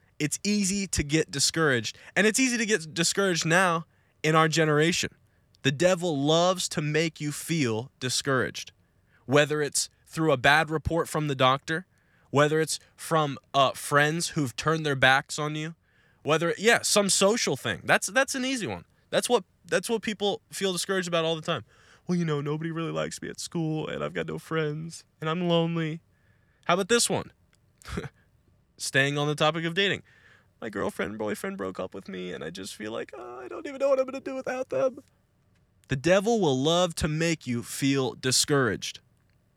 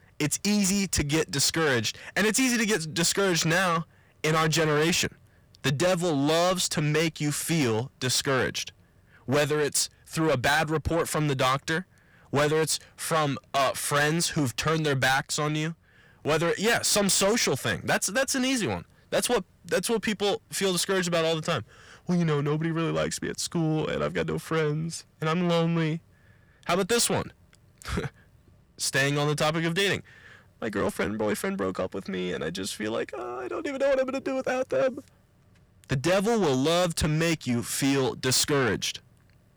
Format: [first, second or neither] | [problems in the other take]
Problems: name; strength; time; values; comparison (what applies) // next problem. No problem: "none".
first | distortion; heavy; 7 dB below the speech